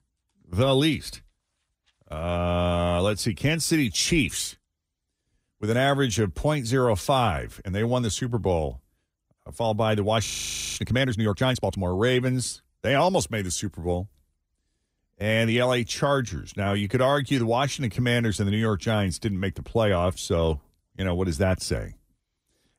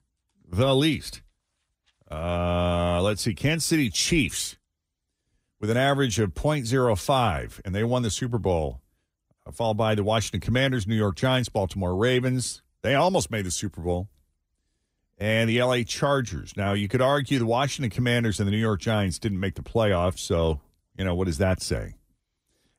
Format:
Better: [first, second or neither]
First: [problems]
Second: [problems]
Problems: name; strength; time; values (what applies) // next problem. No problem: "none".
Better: second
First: audio freezing; at 10 s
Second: none